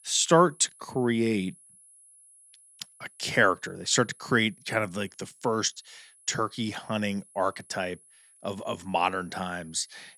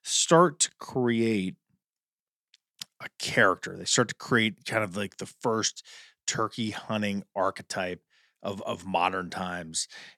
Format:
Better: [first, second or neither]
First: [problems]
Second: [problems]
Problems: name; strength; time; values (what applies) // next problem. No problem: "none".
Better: second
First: high-pitched whine; faint; throughout; 10.5 kHz, 25 dB below the speech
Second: none